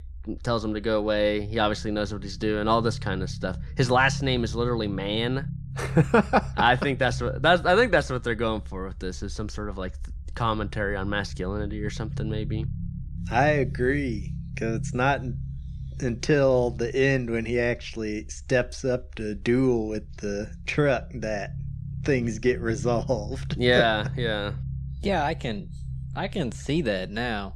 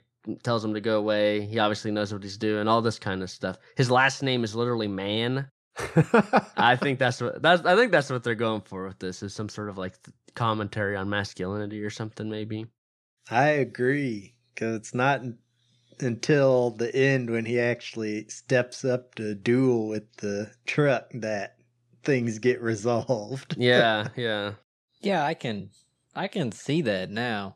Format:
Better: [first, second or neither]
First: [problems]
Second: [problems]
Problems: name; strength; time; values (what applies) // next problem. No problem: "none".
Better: second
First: low rumble; faint; throughout; 20 dB below the speech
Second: none